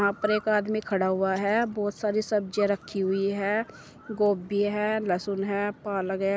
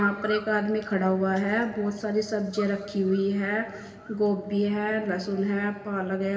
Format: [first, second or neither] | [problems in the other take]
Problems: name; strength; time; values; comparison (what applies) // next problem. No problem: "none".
first | room echo; dies away in 1.9 s